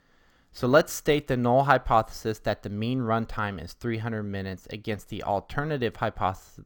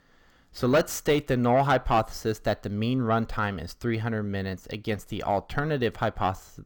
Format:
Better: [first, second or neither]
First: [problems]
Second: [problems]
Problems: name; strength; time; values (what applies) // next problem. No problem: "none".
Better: first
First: none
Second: distortion; slight; 10 dB below the speech